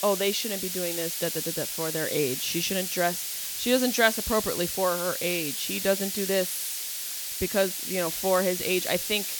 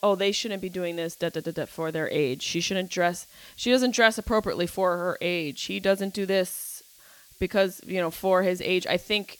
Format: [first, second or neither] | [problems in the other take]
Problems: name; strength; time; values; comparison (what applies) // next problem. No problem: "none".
second | hiss; loud; throughout; 2 dB below the speech; faint in the second